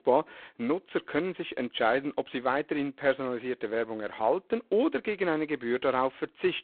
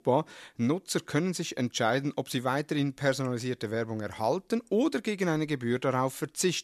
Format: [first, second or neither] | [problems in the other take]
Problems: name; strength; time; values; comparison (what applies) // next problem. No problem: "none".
second | phone-call audio; poor line